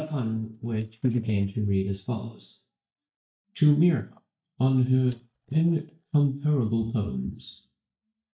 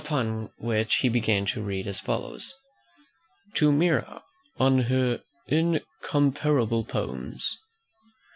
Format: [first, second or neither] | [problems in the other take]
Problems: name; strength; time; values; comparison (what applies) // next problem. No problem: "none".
second | noise reduction (neural mask model DeepFilterNet 3)